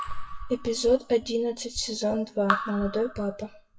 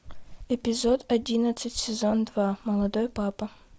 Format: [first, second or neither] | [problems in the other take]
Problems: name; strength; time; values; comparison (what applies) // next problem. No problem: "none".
second | noise reduction (classical method WPE with log-MMSE)